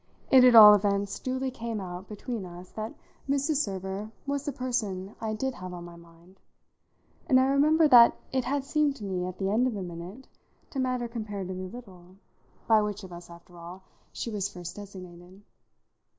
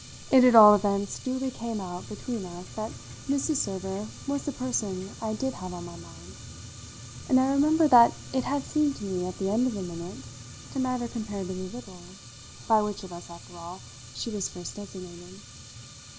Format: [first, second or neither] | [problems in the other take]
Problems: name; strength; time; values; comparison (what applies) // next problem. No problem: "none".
first | background sound (Fire); 15 dB below the speech